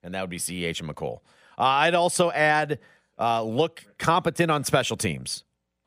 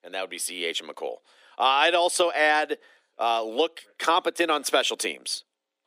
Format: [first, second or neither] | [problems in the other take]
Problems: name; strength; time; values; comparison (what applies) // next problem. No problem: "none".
first | thin; somewhat; fading below 300 Hz